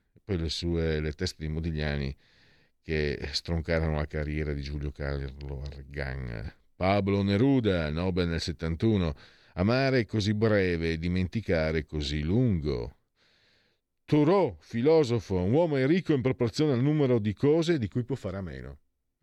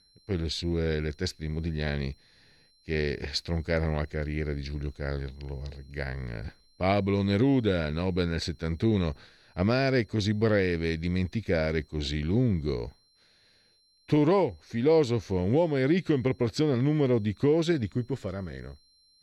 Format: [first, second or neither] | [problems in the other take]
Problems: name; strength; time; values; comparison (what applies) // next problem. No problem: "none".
first | high-pitched whine; faint; throughout; 4 kHz, 35 dB below the speech